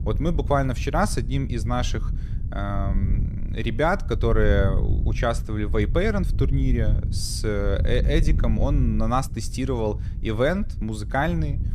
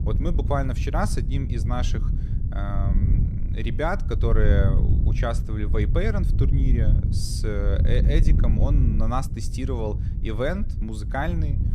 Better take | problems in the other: first | wind noise on the microphone; heavy; 8 dB below the speech; occasional gusts in the first

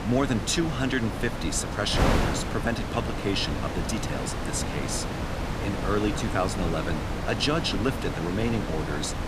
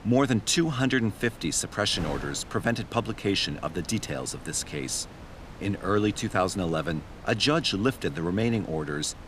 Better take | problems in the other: second | wind noise on the microphone; heavy; 2 dB below the speech; occasional gusts in the second

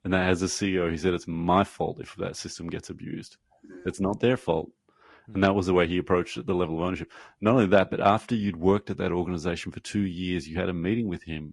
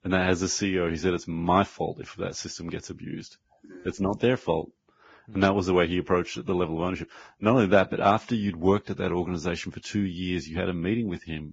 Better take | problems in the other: first | garbled, watery; badly; slightly in the first

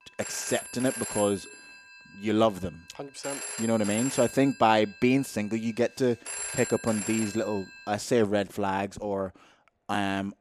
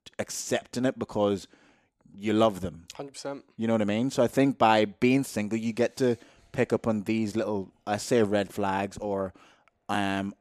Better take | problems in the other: second | phone ringing; noticeable; until 8 s; peak 4 dB below the speech

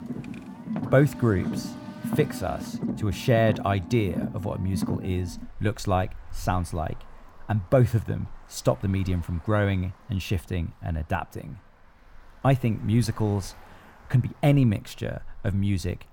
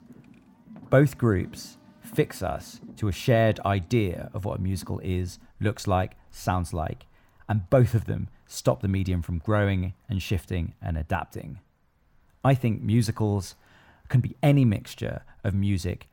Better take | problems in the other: second | traffic noise; loud; throughout; 8 dB below the speech; faint in the second

